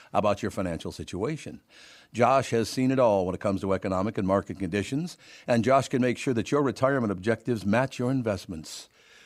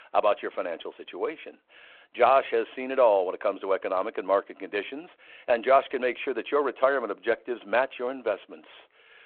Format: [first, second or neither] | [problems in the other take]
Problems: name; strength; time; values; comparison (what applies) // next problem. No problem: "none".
first | phone-call audio